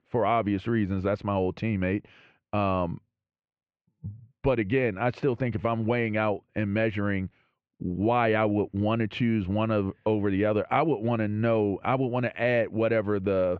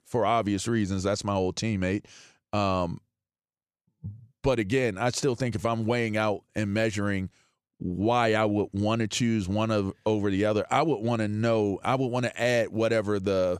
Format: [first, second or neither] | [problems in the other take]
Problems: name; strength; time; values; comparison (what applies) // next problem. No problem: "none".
second | muffled; very; fading above 2.5 kHz